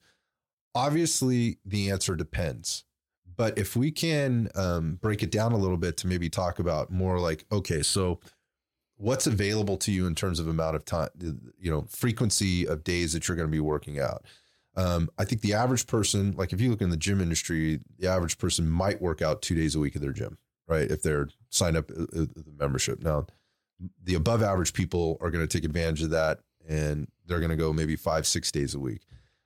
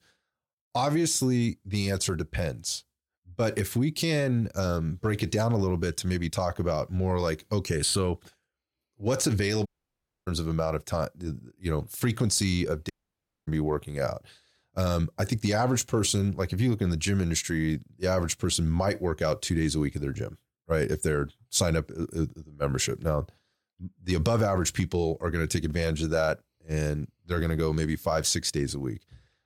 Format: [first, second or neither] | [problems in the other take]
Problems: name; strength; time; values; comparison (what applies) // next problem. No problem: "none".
first | audio cutting out; at 9.5 s for 0.5 s and at 13 s for 0.5 s